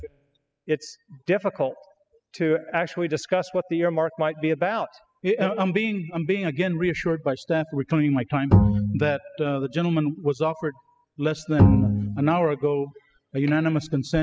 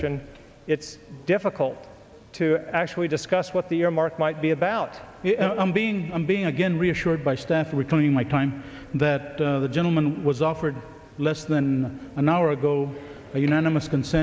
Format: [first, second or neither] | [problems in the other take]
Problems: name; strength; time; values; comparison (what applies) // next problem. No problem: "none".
second | noise reduction (classical method spectral subtraction)